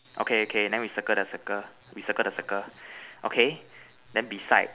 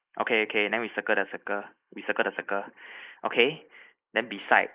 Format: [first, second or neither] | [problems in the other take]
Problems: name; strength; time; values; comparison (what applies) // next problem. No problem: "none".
first | noise reduction (neural mask model Resemble Enhance denoiser)